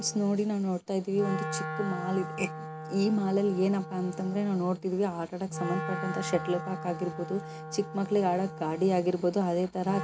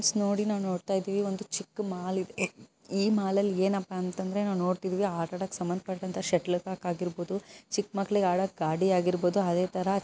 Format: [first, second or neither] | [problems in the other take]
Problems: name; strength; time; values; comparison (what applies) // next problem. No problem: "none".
second | background sound (Wind instrument, woodwind instrument); 9 dB below the speech // room echo; dies away in 0.3 s